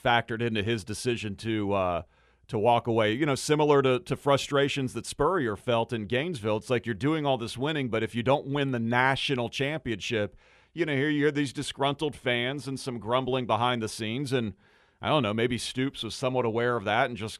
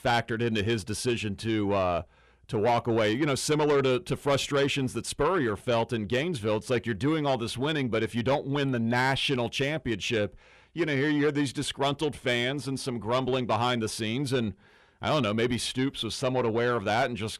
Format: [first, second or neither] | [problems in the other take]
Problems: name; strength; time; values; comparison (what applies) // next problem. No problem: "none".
first | distortion; slight; 10 dB below the speech